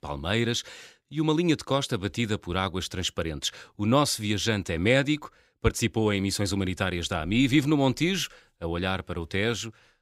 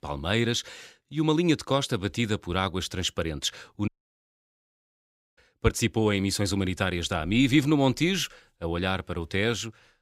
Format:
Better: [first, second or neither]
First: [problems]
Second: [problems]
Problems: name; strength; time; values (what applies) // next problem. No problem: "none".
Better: first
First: none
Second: audio cutting out; at 4 s for 1.5 s